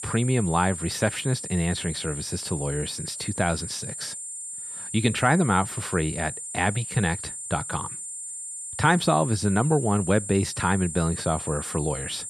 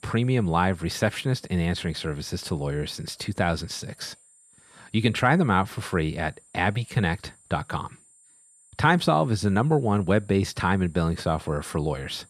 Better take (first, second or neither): second